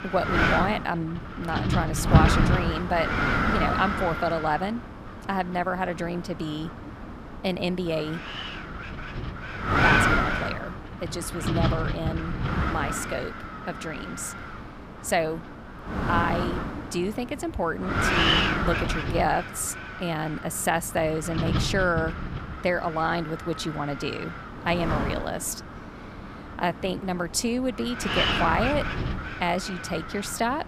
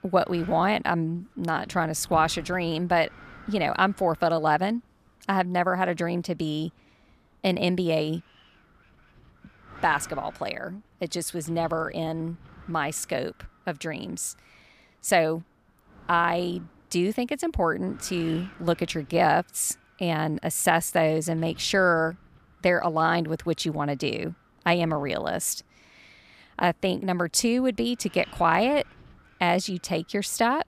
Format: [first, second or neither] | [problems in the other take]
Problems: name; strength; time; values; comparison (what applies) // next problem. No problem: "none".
second | wind noise on the microphone; heavy; 1 dB above the speech; occasional gusts in the second